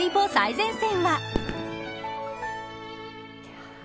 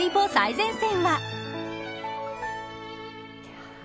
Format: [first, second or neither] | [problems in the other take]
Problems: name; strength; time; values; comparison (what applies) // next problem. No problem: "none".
second | background sound (Fireworks); 9 dB below the speech